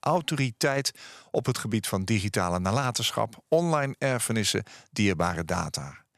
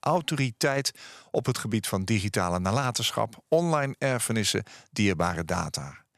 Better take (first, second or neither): neither